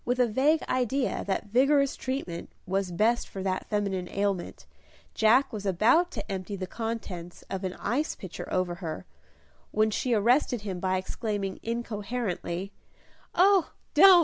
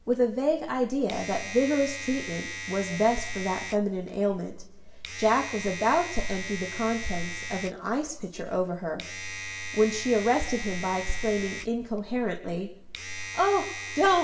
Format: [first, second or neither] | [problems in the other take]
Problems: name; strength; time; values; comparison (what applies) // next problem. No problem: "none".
first | background sound (Domestic sounds, home sounds); 11 dB below the speech // room echo; dies away in 0.7 s